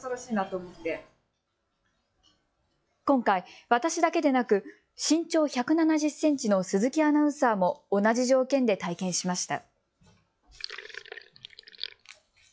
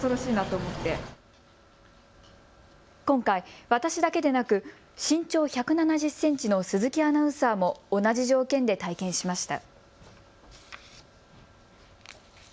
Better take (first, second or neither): second